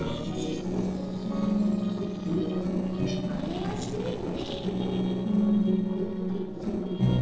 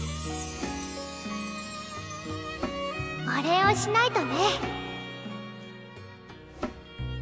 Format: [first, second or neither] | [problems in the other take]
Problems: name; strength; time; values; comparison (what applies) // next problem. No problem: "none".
second | noise reduction (neural separator model SepFormer DNS4)